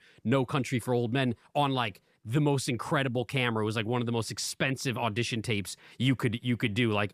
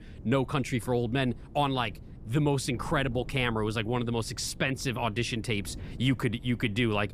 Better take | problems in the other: first | wind noise on the microphone; occasional gusts; 25 dB below the speech

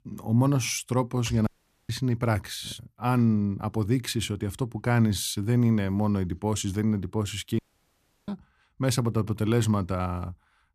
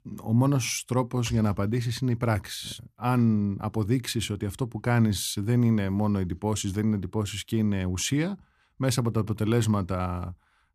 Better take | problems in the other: second | audio cutting out; at 1.5 s and at 7.5 s for 0.5 s

